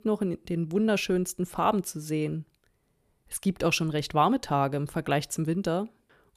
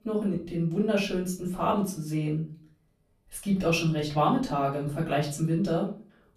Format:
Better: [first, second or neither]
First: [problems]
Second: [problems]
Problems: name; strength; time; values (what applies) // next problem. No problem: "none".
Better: first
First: none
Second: off-mic speech; far // room echo; slight; dies away in 0.4 s